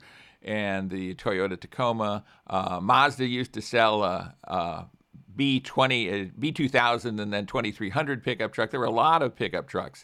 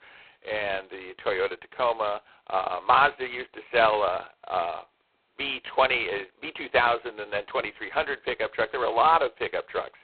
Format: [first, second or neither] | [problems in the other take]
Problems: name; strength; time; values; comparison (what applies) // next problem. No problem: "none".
first | phone-call audio; poor line; nothing above 4 kHz